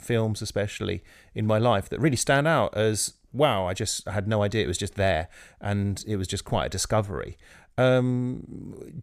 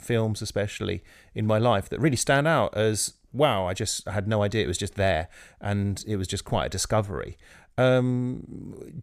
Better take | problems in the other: neither | none

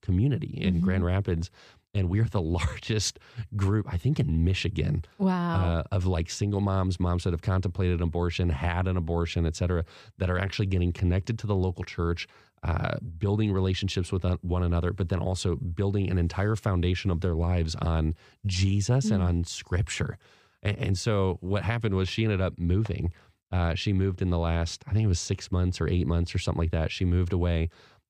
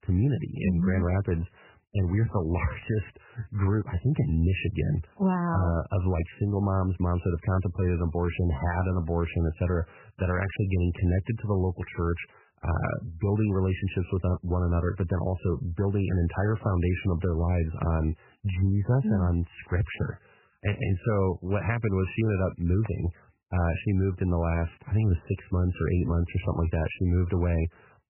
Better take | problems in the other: first | garbled, watery; badly; nothing above 3 kHz

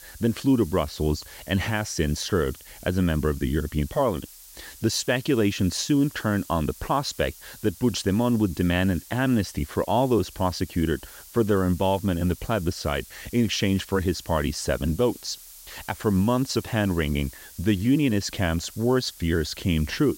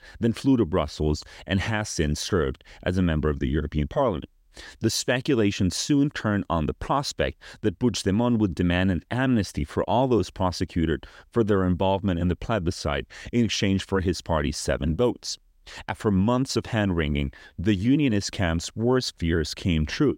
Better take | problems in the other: second | hiss; noticeable; throughout; 20 dB below the speech

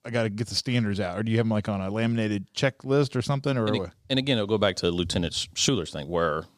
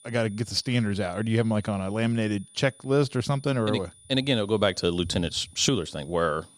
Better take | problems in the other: first | high-pitched whine; faint; throughout; 9.5 kHz, 25 dB below the speech

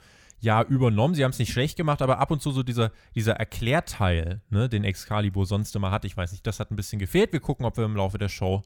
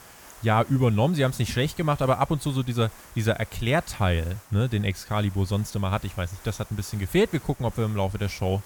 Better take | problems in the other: first | hiss; faint; throughout; 20 dB below the speech

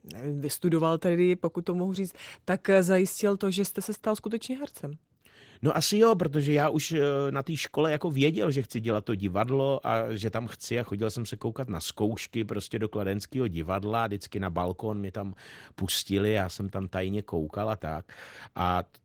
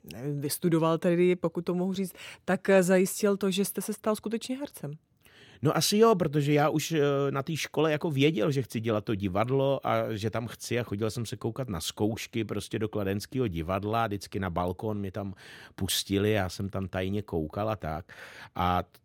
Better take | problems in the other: second | garbled, watery; slightly

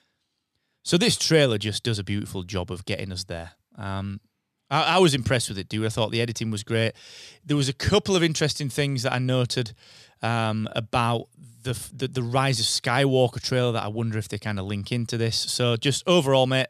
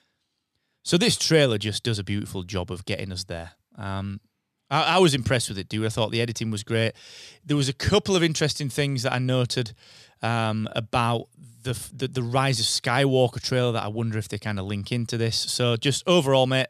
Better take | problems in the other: neither | none

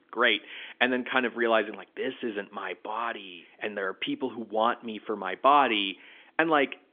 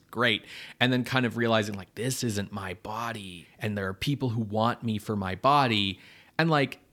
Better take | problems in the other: second | phone-call audio; nothing above 3.5 kHz

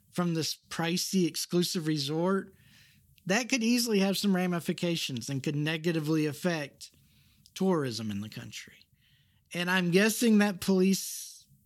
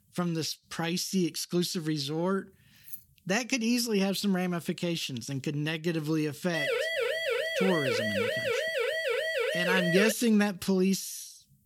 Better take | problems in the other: first | jangling keys; faint; at 3 s; peak 15 dB below the speech // siren; loud; from 6.5 to 10 s; peak 1 dB above the speech

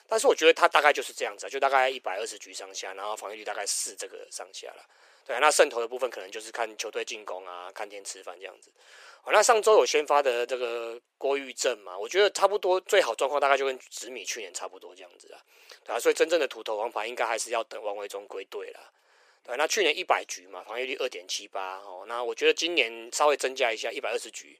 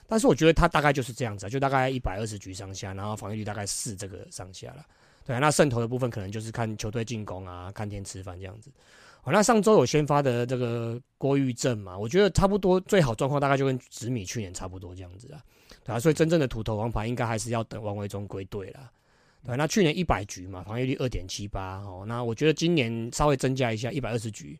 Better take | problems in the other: second | thin; very; fading below 400 Hz

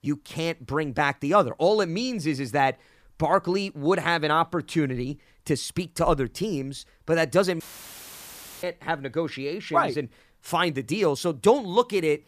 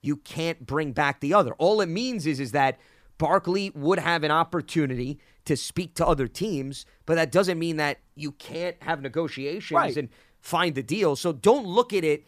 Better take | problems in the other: second | audio cutting out; filled with static; at 7.5 s for 1 s

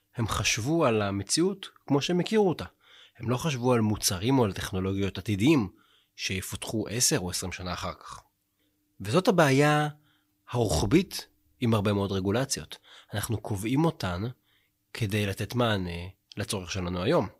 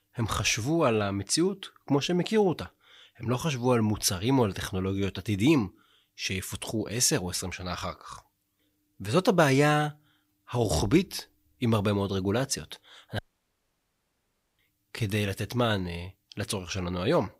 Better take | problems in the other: first | audio cutting out; at 13 s for 1.5 s

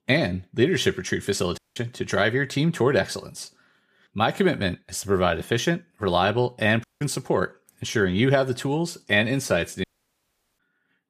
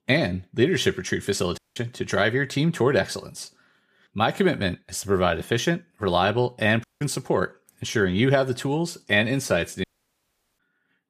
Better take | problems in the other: neither | audio cutting out; at 1.5 s, at 7 s and at 10 s for 1 s; the same in both

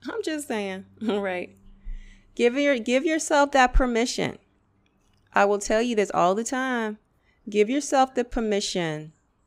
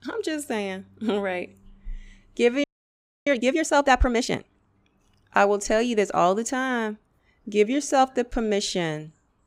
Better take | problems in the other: first | audio freezing; at 2.5 s for 0.5 s

